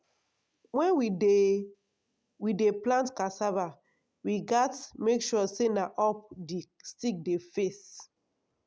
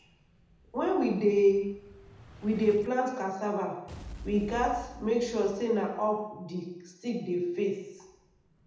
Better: first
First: none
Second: background sound (Explosion); 20 dB below the speech // room echo; dies away in 0.9 s

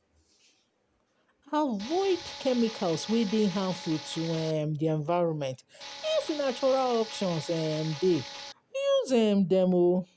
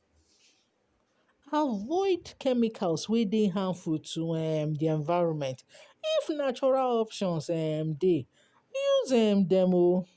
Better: second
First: background sound (Tools); 13 dB below the speech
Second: none

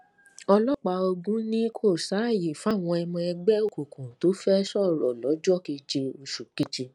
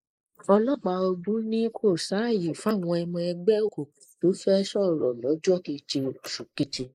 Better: first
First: none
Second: noise reduction (neural mask model Resemble Enhance denoiser)

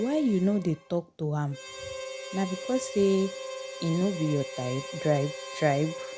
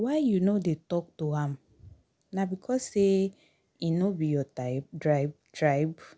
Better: second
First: background sound (Harmonica); 11 dB below the speech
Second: none

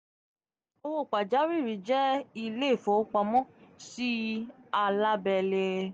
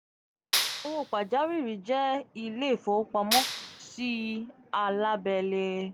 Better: first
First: none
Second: background sound (Clapping); 2 dB below the speech

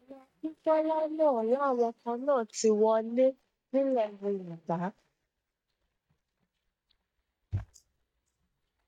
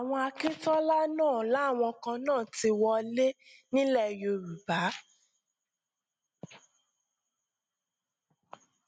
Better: second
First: noise reduction (neural mask model DeepFilterNet 3)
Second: none

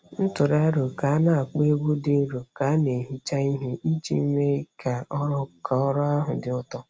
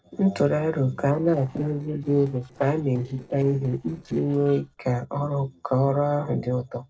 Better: first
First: none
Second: noise reduction (neural separator model SepFormer DNS4)

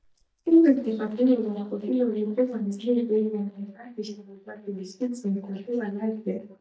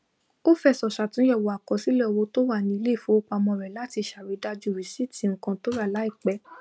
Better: second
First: noise reduction (neural mask model DeepFilterNet 3)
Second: none

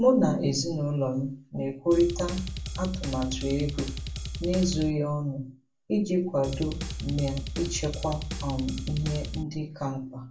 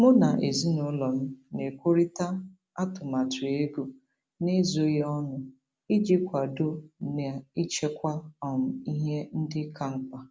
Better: second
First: background sound (Drum kit); 6 dB below the speech // room echo; dies away in 0.2 s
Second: none

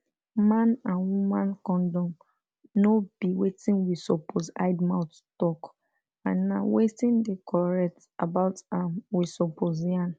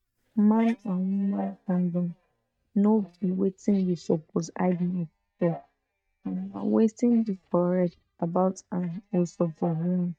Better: first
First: none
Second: noise reduction (neural mask model DeepFilterNet 3)

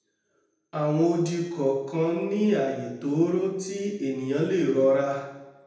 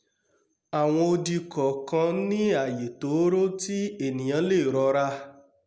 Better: second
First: room echo; dies away in 0.9 s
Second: none

